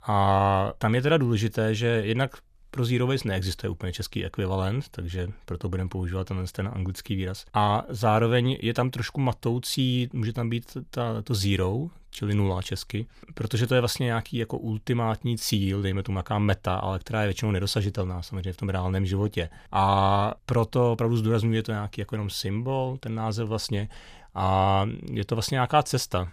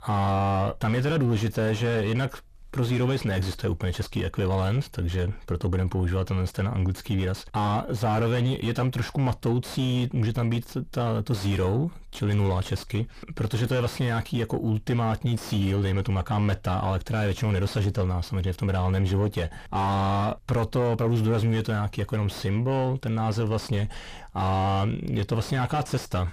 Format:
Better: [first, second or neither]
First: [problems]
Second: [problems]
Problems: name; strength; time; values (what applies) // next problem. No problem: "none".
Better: first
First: none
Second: distortion; heavy; 6 dB below the speech